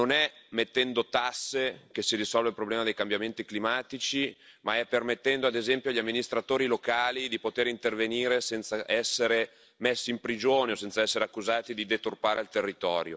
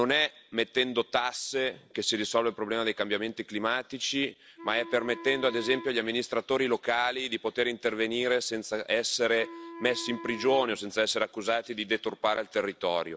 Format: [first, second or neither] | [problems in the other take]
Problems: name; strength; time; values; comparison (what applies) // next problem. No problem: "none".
first | background sound (Wind instrument, woodwind instrument); 15 dB below the speech